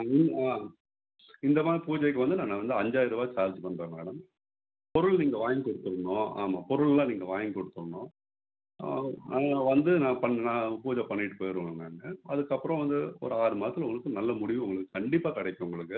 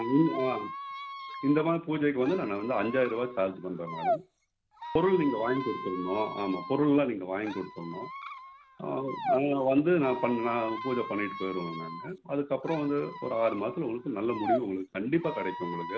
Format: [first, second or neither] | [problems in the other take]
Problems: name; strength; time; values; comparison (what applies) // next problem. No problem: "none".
first | background sound (Squeak); 9 dB below the speech